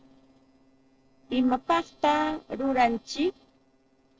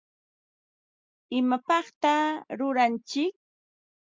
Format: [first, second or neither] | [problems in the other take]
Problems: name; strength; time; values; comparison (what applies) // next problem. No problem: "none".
second | noise reduction (neural separator model SepFormer DNS4)